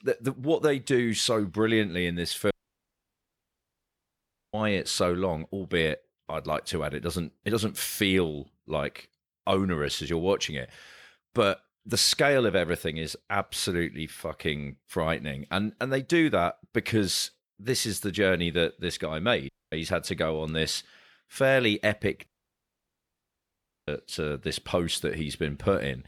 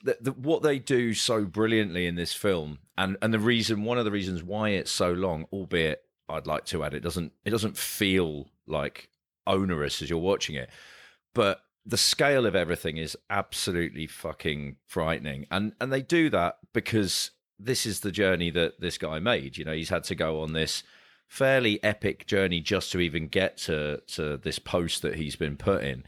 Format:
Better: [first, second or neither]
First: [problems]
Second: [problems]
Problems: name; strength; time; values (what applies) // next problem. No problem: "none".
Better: second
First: audio cutting out; at 2.5 s for 2 s, at 19 s and at 22 s for 1.5 s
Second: none